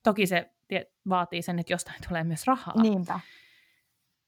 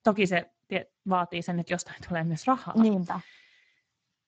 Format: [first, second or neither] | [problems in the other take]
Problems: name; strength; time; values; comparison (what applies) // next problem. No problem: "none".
first | garbled, watery; badly; nothing above 7.5 kHz